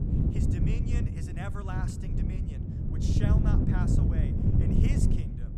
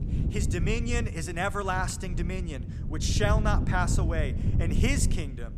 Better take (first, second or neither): second